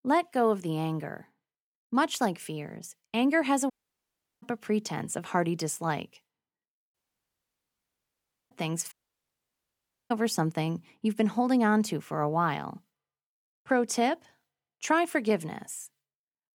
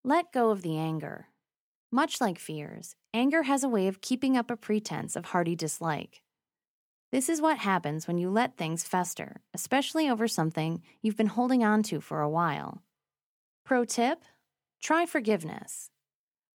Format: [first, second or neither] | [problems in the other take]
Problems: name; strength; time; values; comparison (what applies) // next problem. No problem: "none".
second | audio cutting out; at 3.5 s for 0.5 s, at 7 s for 1.5 s and at 9 s for 1 s